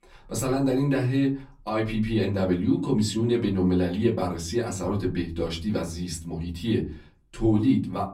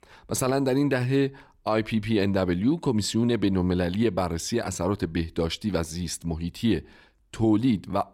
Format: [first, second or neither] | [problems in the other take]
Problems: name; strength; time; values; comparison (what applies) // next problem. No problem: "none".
second | off-mic speech; far // room echo; very slight; dies away in 0.3 s